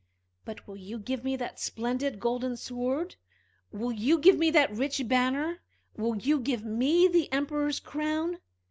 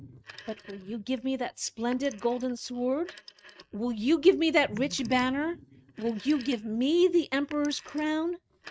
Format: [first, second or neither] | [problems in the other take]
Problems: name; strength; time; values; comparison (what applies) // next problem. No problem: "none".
first | noise reduction (neural mask model RNNoise)